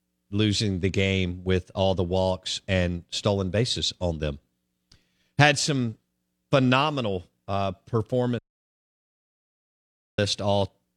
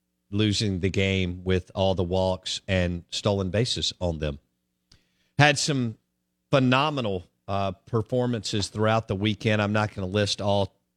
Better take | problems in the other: second | audio cutting out; at 8.5 s for 2 s

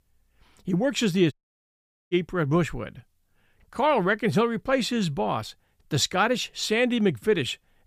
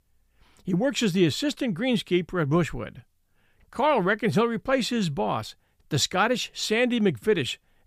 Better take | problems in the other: second | audio cutting out; at 1.5 s for 1 s

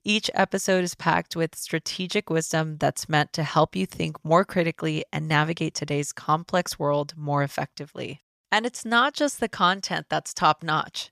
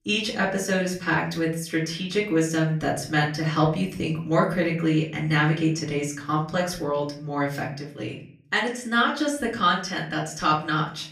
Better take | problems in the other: first | off-mic speech; far // room echo; slight; dies away in 0.5 s

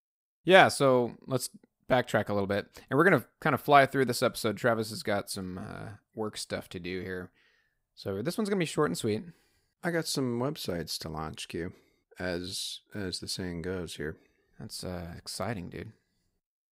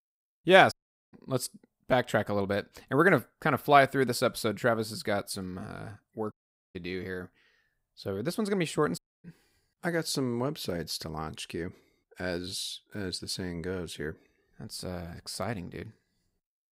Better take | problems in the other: first | audio cutting out; at 0.5 s, at 6.5 s and at 9 s

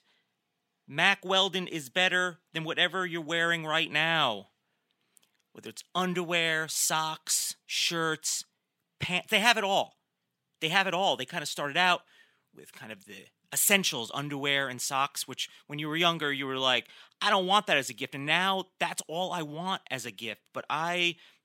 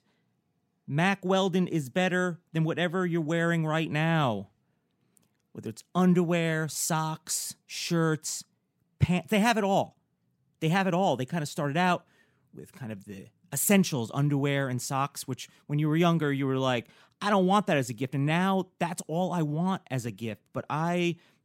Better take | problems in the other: second | thin; somewhat; fading below 850 Hz

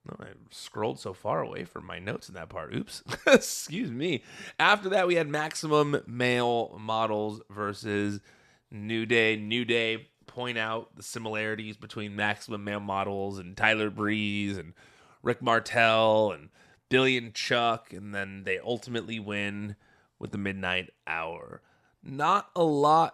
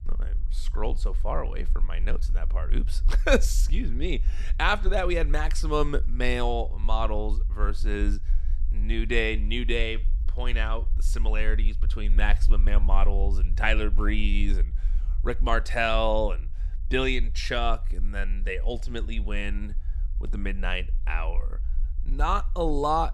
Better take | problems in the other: first | low rumble; faint; throughout; 25 dB below the speech

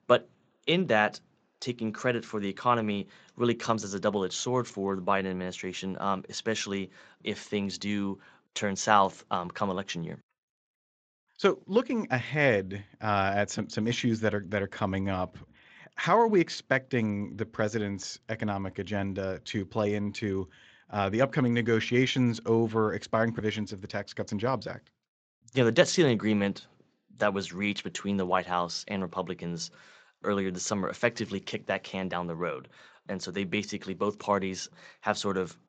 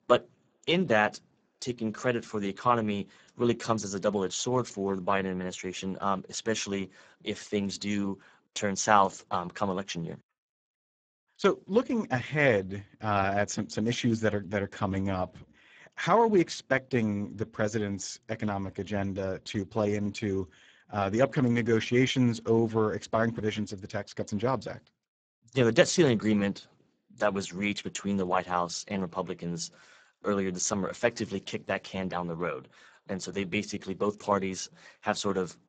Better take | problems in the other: first | garbled, watery; badly; nothing above 7.5 kHz; slightly in the first

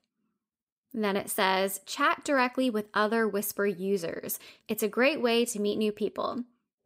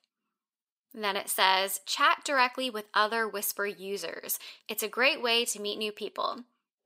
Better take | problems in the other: first | thin; somewhat; fading below 1 kHz

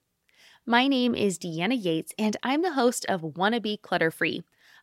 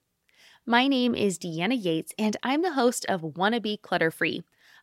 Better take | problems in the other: neither | none

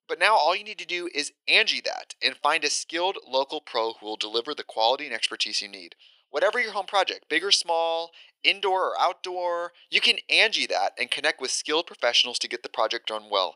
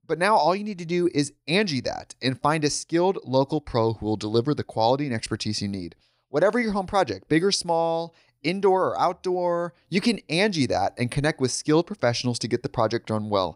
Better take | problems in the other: second | thin; very; fading below 500 Hz

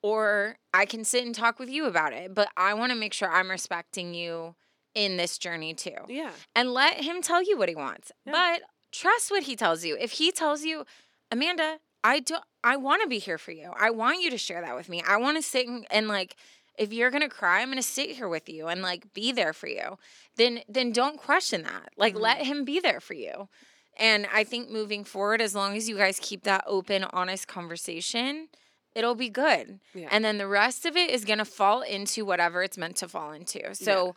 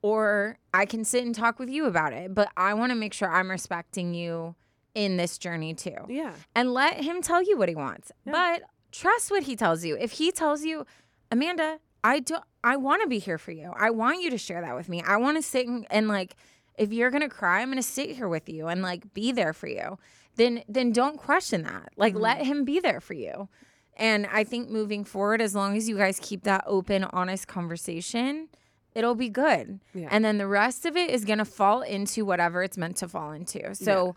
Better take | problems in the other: second | thin; very slightly; fading below 300 Hz

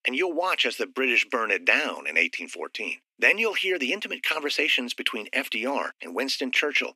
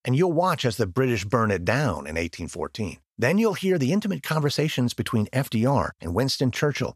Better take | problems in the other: second | thin; somewhat; fading below 250 Hz

